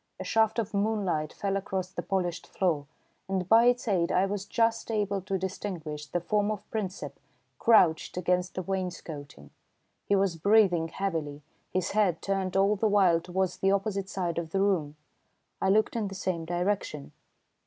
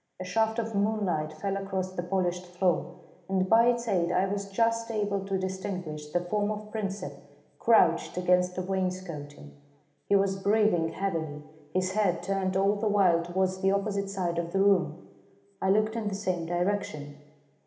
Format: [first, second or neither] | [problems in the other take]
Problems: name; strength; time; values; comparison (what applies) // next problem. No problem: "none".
first | room echo; dies away in 1 s